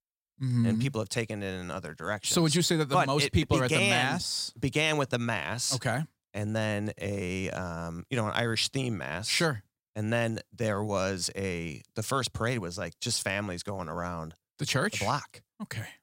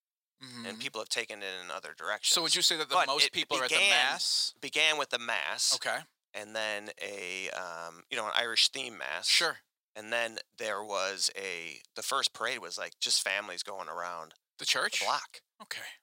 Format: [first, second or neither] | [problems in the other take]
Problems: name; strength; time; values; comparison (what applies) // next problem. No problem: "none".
first | thin; very; fading below 650 Hz